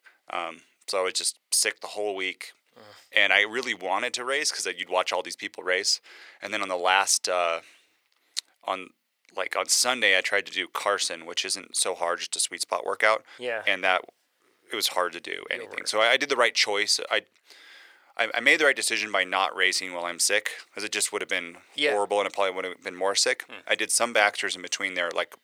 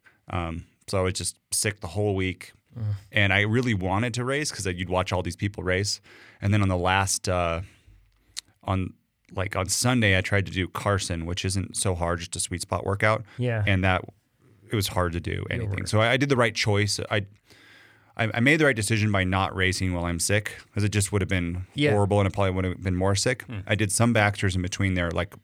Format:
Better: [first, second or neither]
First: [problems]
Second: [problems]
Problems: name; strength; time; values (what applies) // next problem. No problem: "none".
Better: second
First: thin; very; fading below 450 Hz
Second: none